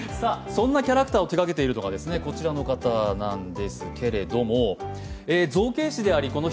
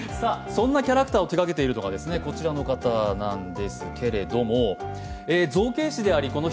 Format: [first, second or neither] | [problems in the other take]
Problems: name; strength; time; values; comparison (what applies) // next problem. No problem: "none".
first | background sound (Trumpet); 19 dB below the speech